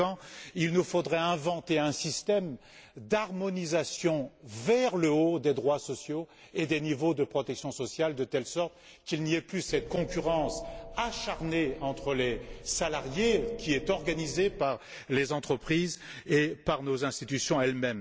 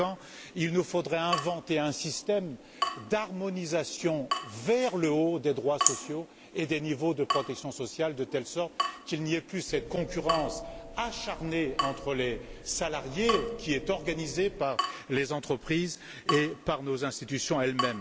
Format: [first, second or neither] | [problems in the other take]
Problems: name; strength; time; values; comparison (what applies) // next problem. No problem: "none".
first | background sound (Drip / Water tap, faucet); 7 dB below the speech